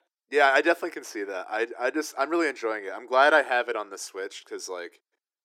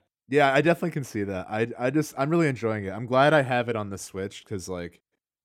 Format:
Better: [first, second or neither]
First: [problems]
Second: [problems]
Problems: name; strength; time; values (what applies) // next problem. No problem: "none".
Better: second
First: thin; very; fading below 350 Hz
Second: none